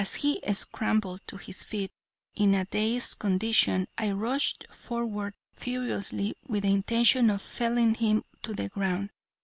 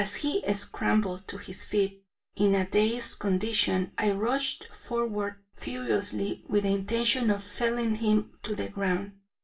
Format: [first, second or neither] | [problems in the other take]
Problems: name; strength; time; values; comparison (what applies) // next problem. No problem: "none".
first | room echo; dies away in 0.2 s